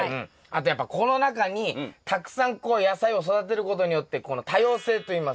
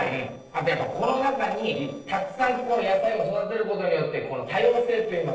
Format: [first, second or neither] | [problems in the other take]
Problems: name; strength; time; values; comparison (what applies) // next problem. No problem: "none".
first | noise reduction (neural separator model SepFormer DNS4)